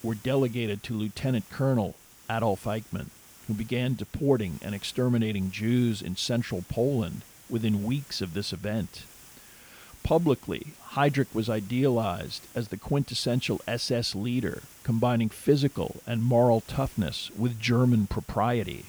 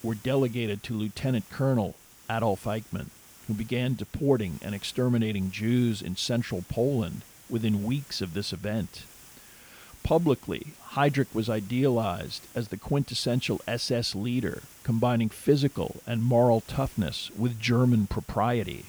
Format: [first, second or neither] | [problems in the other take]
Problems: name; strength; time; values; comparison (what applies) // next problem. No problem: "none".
neither | hiss; faint; throughout; 20 dB below the speech; the same in both